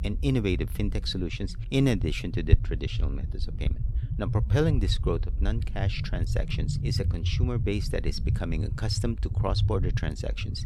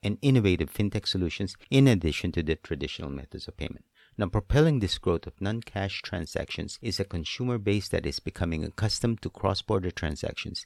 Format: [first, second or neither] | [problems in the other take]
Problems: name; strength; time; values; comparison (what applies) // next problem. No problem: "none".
second | low rumble; noticeable; throughout; 10 dB below the speech